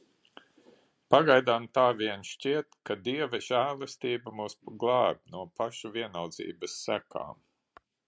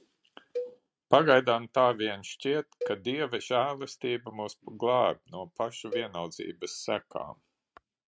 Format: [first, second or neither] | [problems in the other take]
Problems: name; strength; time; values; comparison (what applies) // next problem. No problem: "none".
first | noise reduction (neural mask model RNNoise)